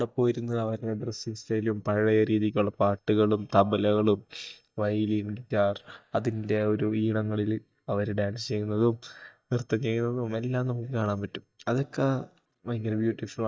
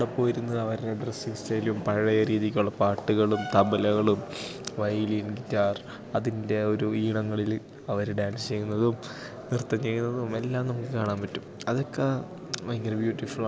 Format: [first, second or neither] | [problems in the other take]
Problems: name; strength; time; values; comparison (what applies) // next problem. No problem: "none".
second | noise reduction (neural mask model DeepFilterNet 3)